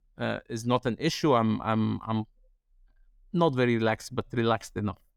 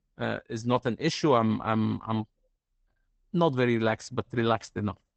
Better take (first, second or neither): first